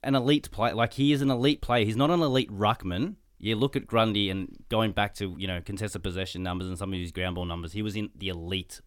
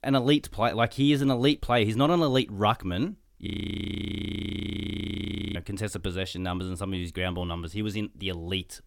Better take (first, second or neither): first